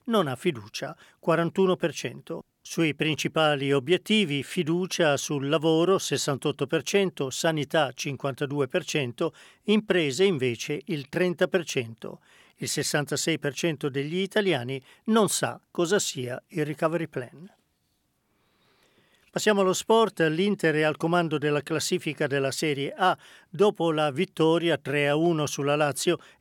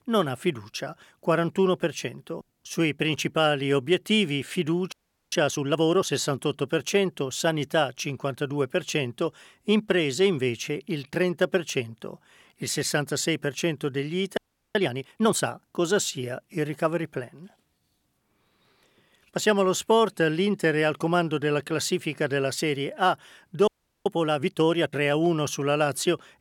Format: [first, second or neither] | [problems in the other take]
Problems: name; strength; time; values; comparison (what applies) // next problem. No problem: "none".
first | audio freezing; at 5 s, at 14 s and at 24 s